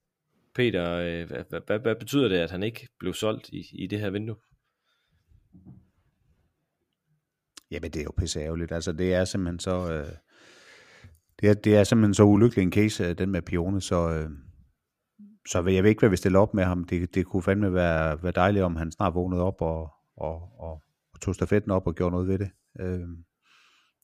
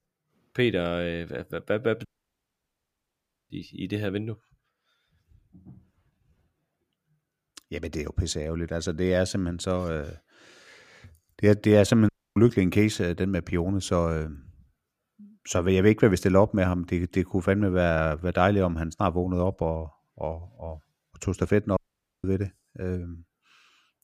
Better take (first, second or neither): first